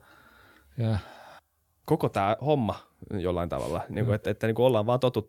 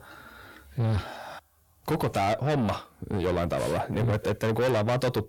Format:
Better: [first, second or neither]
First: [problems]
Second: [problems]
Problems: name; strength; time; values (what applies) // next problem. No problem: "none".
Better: first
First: none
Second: distortion; heavy; 6 dB below the speech